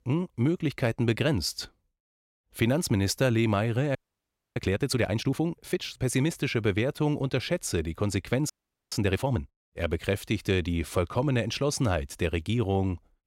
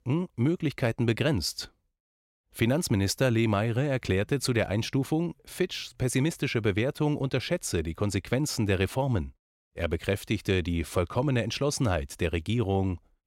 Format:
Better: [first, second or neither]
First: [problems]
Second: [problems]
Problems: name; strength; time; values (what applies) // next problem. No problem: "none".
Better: second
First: audio freezing; at 4 s for 0.5 s and at 8.5 s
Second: none